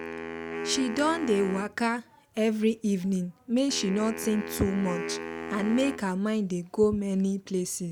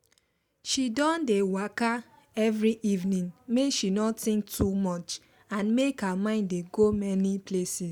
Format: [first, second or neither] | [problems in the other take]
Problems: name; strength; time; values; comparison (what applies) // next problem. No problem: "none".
second | background sound (Wind instrument, woodwind instrument); 11 dB below the speech